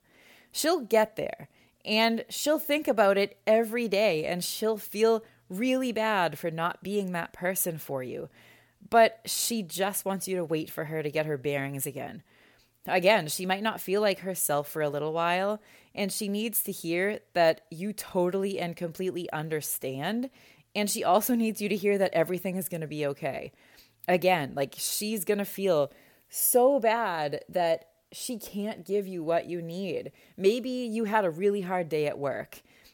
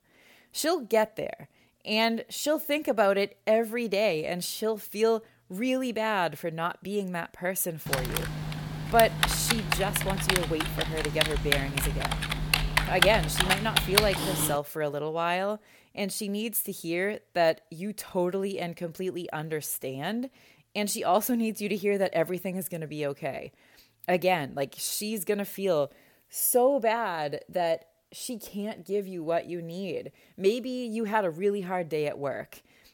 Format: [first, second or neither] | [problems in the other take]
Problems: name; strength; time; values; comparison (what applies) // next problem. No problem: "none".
first | keyboard typing; loud; from 8 to 15 s; peak 6 dB above the speech